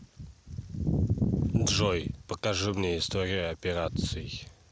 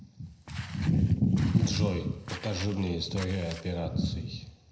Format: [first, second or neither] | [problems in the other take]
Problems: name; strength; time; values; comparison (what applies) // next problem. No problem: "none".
first | background sound (Walk, footsteps); 17 dB below the speech // room echo; dies away in 0.7 s